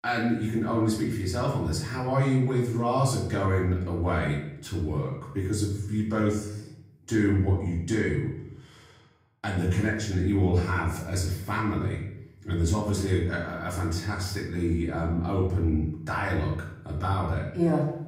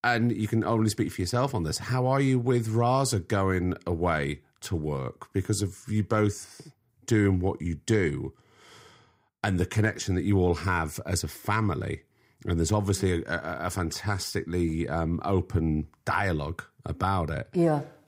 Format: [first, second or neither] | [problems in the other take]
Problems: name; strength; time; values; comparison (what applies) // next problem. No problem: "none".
second | room echo; noticeable; dies away in 0.7 s // off-mic speech; far